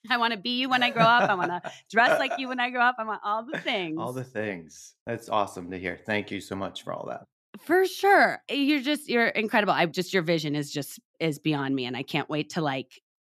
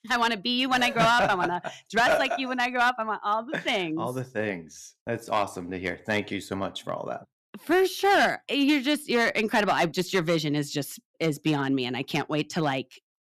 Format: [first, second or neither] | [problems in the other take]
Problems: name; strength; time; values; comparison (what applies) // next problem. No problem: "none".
first | distortion; slight; 4% of the sound clipped